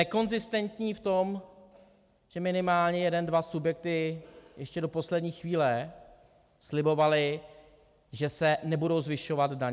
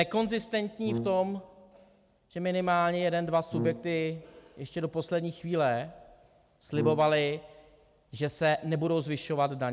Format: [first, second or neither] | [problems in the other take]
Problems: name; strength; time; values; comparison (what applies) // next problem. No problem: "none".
first | background sound (Brass instrument); 7 dB below the speech